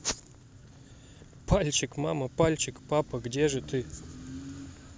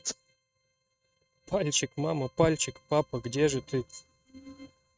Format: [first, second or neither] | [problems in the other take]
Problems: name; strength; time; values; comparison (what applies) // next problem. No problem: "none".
first | noise reduction (neural mask model RNNoise)